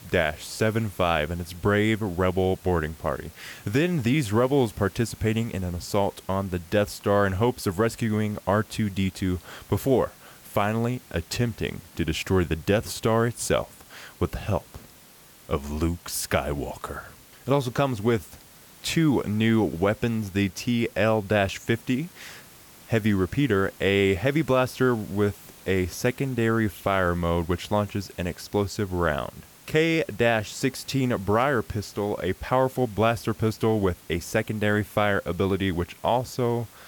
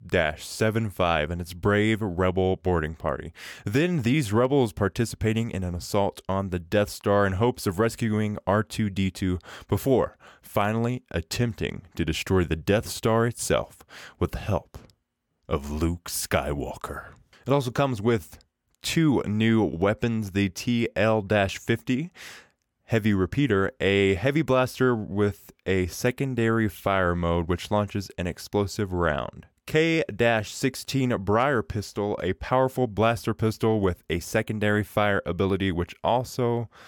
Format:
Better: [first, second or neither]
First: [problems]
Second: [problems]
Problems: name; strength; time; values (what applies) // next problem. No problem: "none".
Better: second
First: hiss; faint; throughout; 25 dB below the speech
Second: none